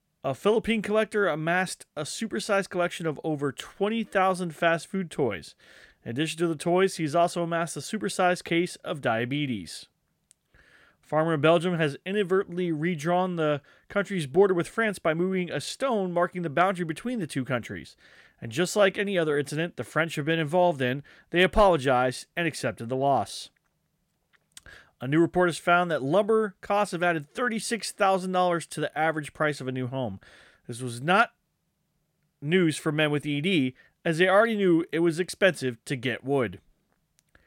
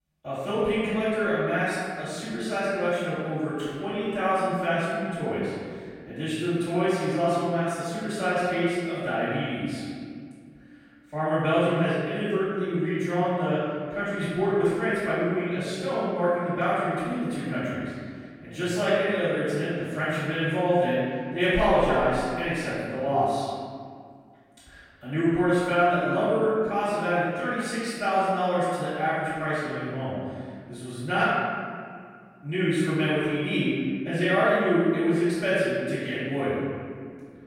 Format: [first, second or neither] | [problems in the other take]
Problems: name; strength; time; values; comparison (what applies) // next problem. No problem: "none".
first | off-mic speech; far // room echo; strong; dies away in 2 s